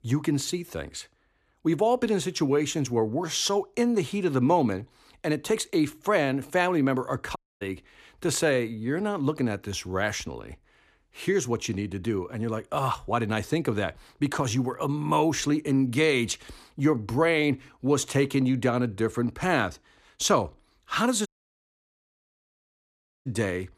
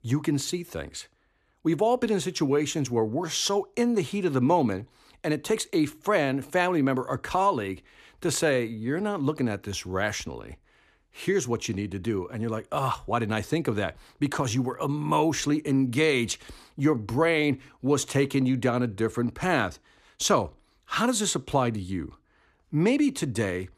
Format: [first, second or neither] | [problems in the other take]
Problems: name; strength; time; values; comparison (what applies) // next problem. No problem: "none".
second | audio cutting out; at 7.5 s and at 21 s for 2 s